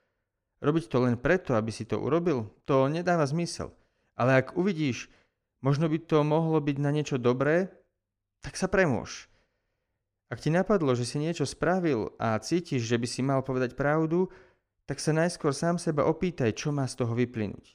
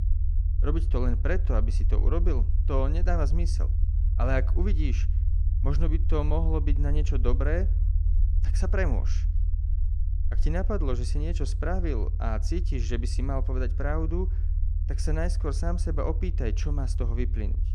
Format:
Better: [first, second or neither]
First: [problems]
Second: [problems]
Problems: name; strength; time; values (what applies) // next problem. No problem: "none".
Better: first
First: none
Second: low rumble; noticeable; throughout; 10 dB below the speech